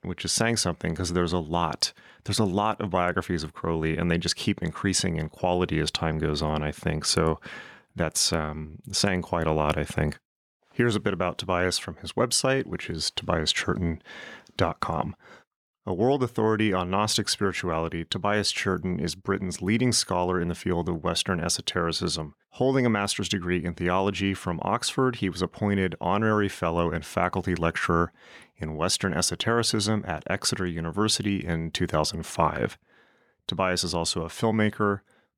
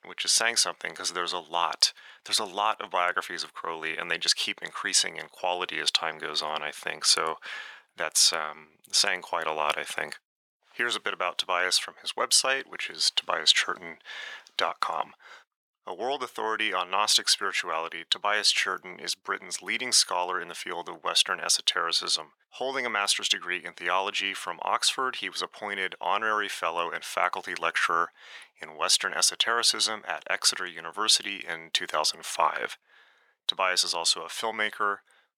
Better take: first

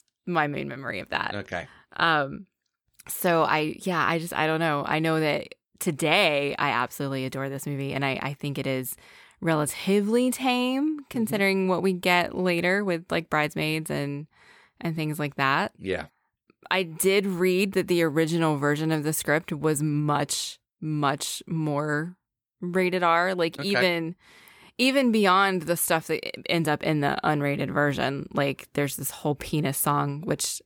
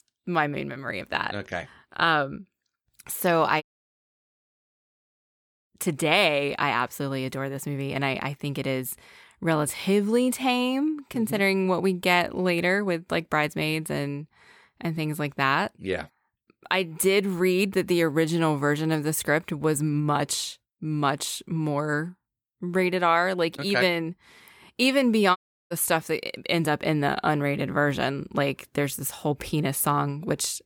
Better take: first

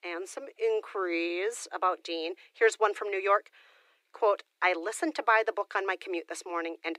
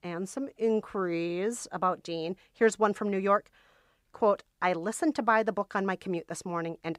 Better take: second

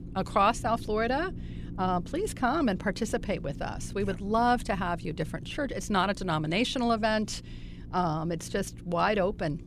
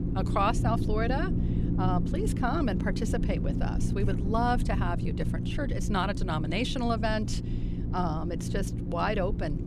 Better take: first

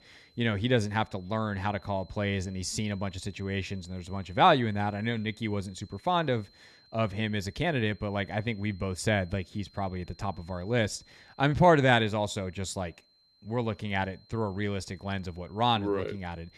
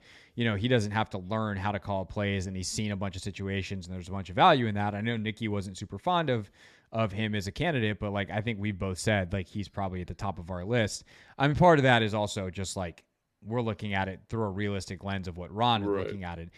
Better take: second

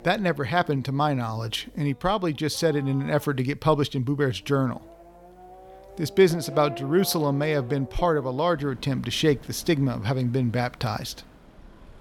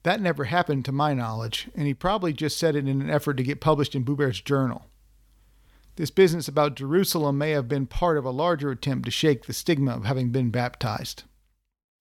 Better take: second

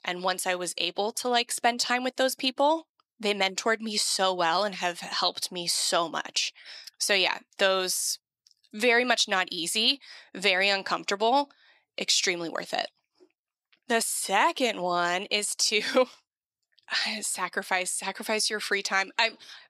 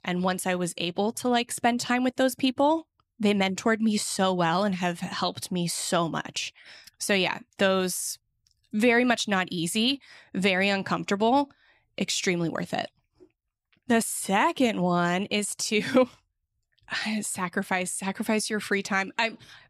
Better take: second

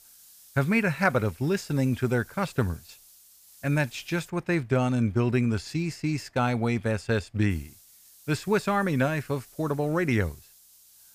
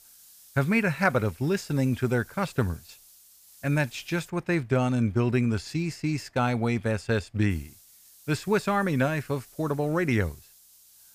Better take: neither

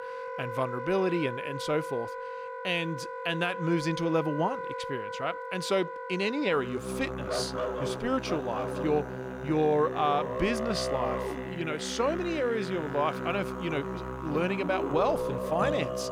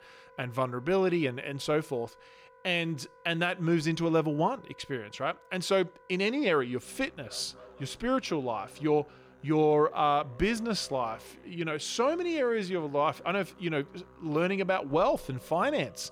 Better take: second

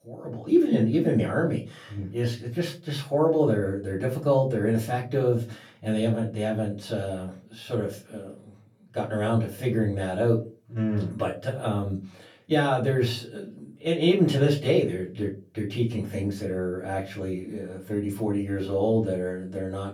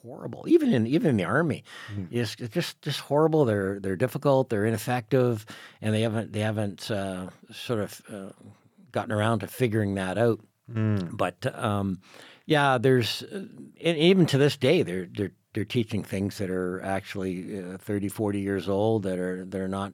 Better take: second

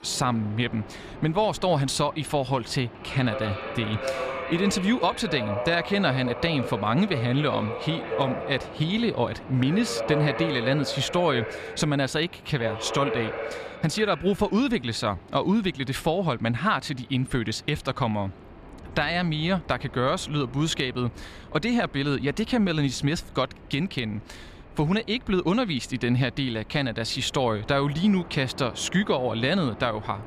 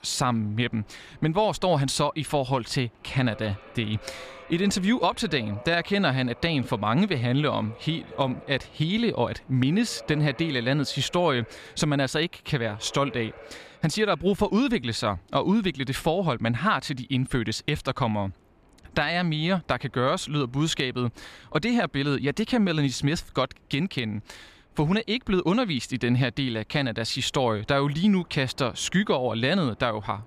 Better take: second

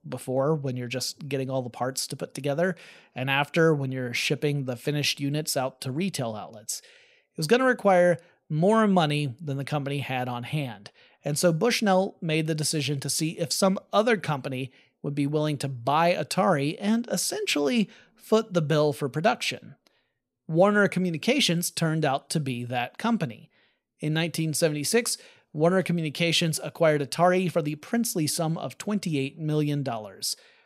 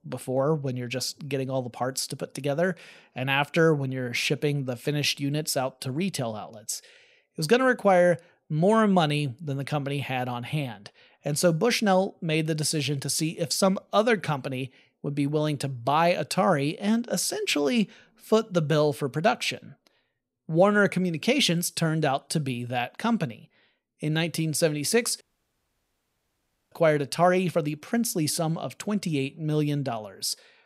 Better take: first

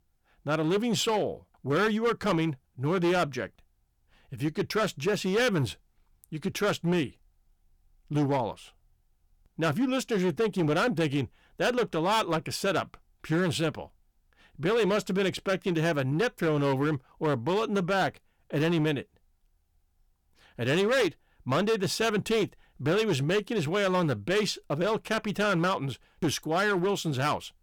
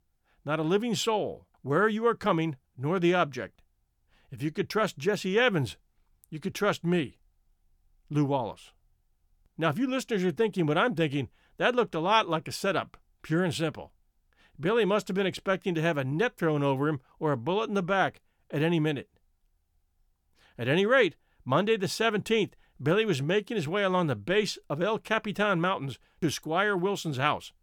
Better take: second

